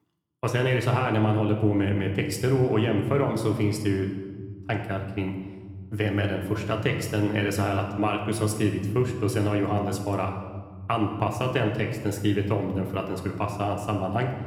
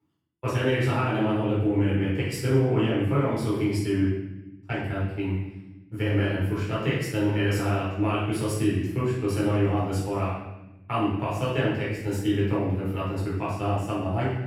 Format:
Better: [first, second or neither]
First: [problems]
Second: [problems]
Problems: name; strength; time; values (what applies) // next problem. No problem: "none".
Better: first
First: room echo; slight; dies away in 1.3 s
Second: room echo; strong; dies away in 0.9 s // off-mic speech; far